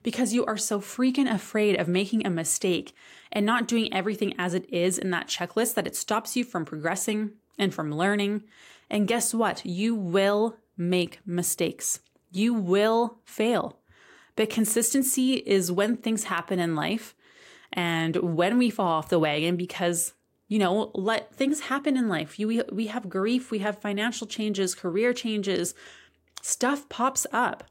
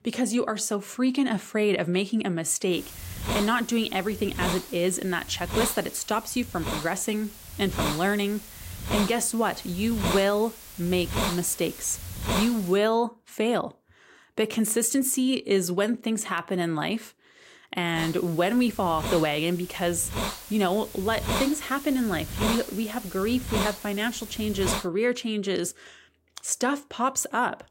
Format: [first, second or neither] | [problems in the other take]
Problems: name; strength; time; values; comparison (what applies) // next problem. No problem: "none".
first | hiss; loud; from 3 to 13 s and from 18 to 25 s; 7 dB below the speech